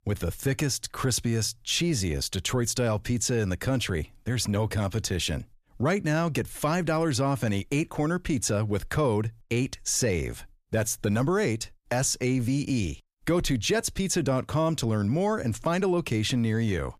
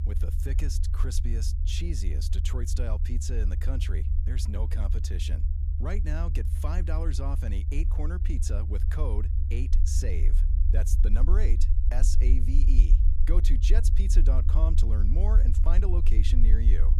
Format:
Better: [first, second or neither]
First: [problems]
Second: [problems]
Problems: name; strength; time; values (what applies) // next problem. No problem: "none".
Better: first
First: none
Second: low rumble; loud; throughout; 6 dB below the speech